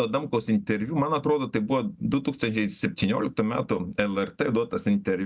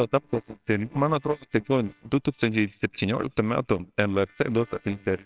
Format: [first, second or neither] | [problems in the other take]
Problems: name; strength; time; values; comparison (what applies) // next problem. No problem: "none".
first | noise reduction (neural separator model SepFormer WHAMR!)